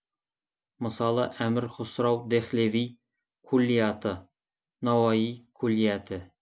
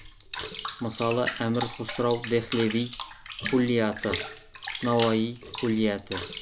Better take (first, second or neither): first